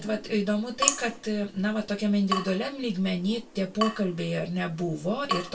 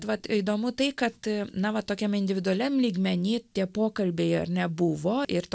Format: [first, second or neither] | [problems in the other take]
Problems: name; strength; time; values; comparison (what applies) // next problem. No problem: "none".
second | background sound (Drip / Water tap, faucet); 7 dB below the speech // room echo; dies away in 0.2 s